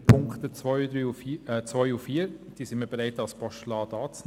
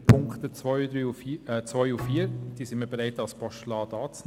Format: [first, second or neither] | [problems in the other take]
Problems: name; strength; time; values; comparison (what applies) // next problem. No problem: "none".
first | background sound (Bowed string instrument); 13 dB below the speech